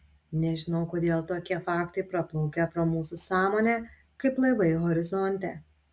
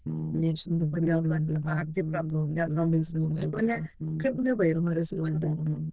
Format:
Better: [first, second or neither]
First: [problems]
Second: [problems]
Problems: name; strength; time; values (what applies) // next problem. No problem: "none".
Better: first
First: none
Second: noise reduction (neural diffusion model UNIVERSE++)